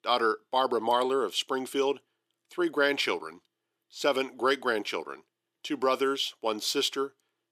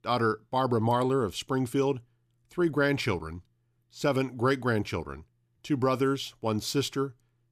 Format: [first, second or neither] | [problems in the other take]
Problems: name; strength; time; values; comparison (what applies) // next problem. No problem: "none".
second | thin; somewhat; fading below 350 Hz